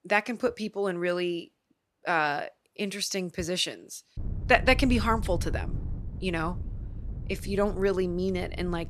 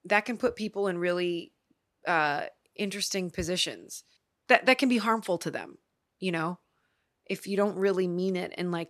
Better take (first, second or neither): second